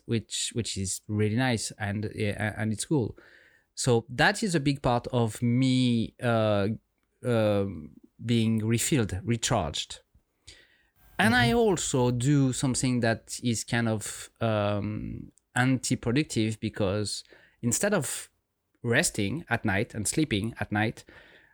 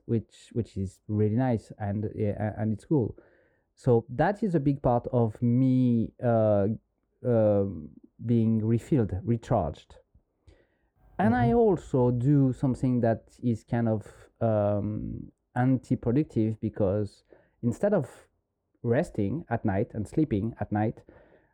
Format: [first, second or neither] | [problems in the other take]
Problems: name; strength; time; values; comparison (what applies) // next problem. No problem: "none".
first | muffled; very; fading above 1.5 kHz